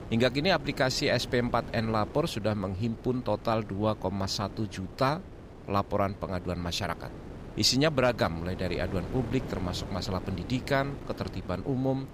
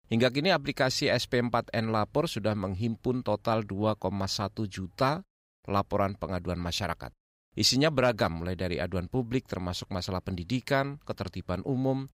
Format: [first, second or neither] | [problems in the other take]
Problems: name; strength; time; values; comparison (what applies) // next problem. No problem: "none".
second | wind noise on the microphone; occasional gusts; 15 dB below the speech